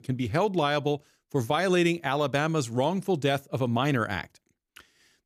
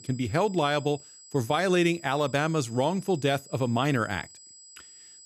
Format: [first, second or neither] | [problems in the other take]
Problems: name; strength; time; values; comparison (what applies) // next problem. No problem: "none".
first | high-pitched whine; faint; throughout; 7.5 kHz, 20 dB below the speech